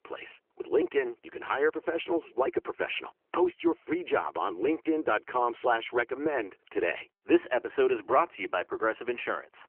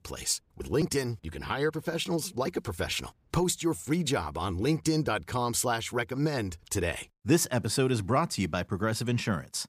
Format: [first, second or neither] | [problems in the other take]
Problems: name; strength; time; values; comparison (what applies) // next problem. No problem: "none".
second | phone-call audio; nothing above 3 kHz